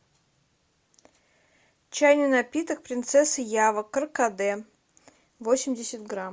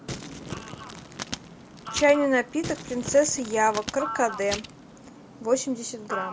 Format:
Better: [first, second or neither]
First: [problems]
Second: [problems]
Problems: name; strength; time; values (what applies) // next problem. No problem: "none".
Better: first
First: none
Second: background sound (Fowl + Crumpling, crinkling); 10 dB below the speech